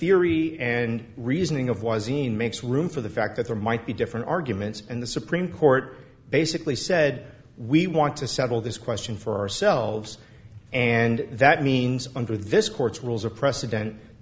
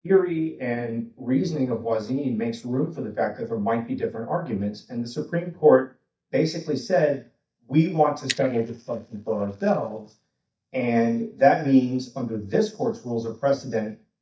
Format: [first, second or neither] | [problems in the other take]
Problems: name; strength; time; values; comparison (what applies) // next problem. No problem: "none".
first | noise reduction (neural mask model DeepFilterNet 3)